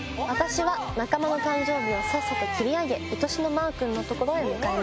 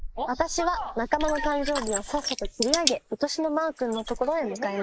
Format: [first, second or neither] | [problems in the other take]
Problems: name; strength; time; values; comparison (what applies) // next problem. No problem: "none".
first | noise reduction (neural mask model Resemble Enhance denoiser)